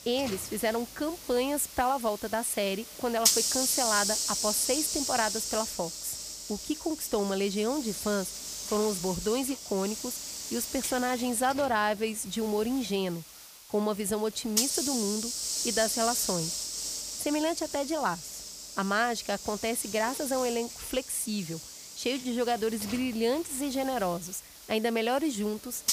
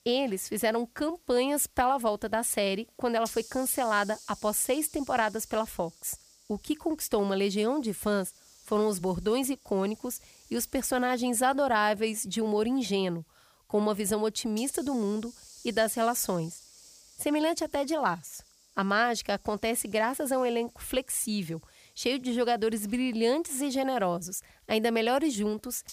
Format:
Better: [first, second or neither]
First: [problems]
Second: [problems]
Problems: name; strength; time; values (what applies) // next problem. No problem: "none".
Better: second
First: hiss; loud; throughout; 2 dB below the speech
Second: hiss; faint; throughout; 25 dB below the speech